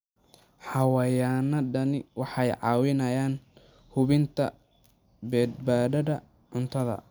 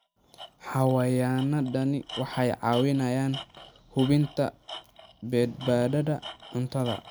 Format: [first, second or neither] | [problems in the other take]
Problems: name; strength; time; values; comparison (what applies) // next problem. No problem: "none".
first | background sound (Tools); 18 dB below the speech